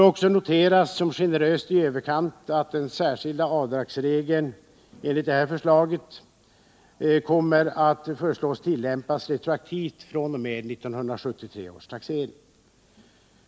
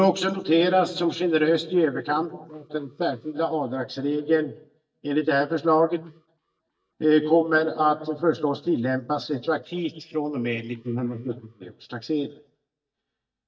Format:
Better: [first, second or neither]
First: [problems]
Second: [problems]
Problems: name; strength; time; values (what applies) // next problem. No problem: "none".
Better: first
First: none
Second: noise reduction (neural mask model DeepFilterNet 3)